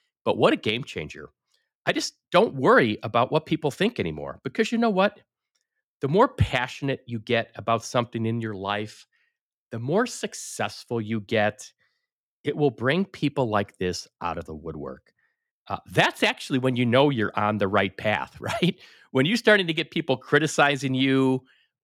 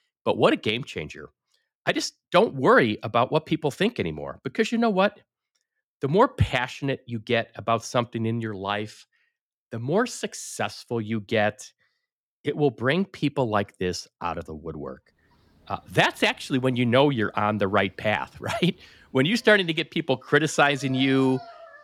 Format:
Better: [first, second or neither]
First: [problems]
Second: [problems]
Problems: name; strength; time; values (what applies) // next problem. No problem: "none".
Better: first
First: none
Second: animal sounds; faint; from 15 s on; 25 dB below the speech